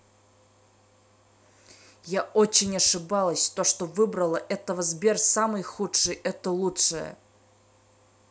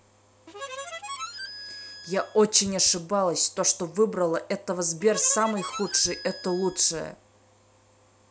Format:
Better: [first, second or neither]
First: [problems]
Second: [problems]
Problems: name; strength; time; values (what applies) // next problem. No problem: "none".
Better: first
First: none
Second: background sound (Harmonica); 12 dB below the speech